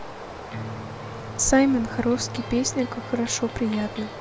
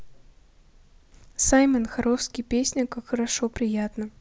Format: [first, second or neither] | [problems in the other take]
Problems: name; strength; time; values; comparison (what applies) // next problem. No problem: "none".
second | background sound (Electric guitar + Stream); 10 dB below the speech